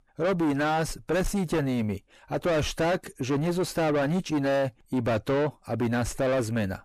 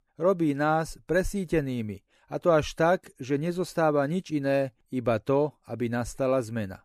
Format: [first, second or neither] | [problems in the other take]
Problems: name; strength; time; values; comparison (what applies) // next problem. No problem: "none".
second | distortion; heavy; 5 dB below the speech